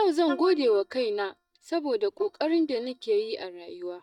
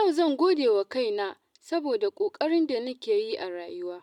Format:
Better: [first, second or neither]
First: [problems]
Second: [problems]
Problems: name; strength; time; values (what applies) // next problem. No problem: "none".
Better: second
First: noise reduction (neural mask model DeepFilterNet 3)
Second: none